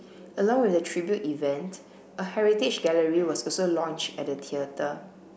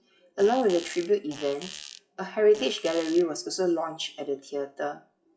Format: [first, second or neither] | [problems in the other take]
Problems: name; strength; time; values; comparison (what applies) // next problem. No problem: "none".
first | noise reduction (classical method WPE with log-MMSE)